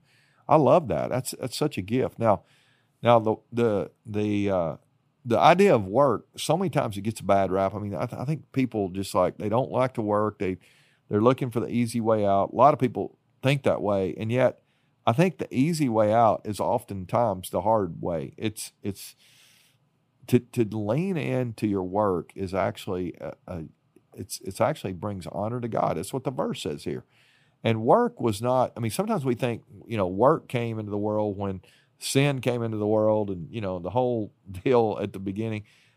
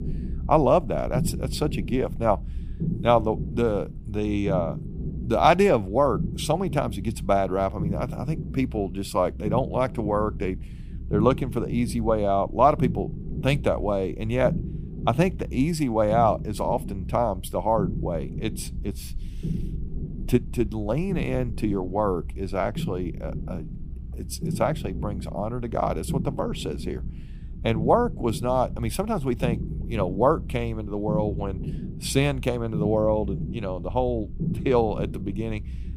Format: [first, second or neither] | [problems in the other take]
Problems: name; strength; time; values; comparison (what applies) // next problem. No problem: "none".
first | low rumble; noticeable; throughout; 15 dB below the speech